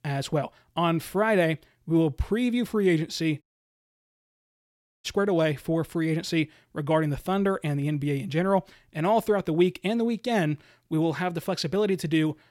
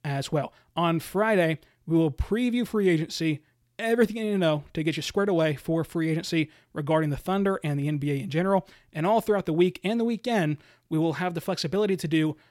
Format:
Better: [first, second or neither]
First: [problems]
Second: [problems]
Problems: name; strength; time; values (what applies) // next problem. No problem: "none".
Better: second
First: audio cutting out; at 3.5 s for 1.5 s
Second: none